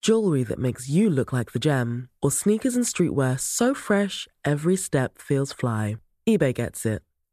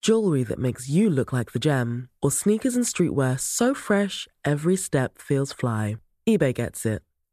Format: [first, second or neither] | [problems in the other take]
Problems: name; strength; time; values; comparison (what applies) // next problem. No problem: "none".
neither | none